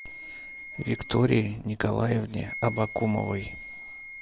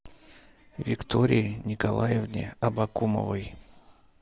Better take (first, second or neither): second